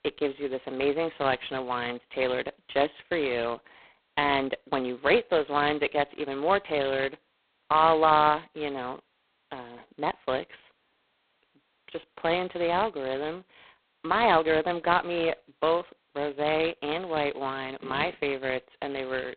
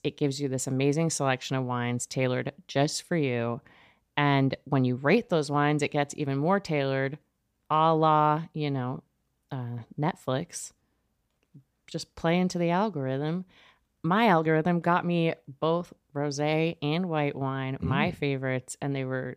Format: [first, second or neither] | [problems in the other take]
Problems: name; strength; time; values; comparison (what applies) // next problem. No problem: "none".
second | phone-call audio; poor line; nothing above 4 kHz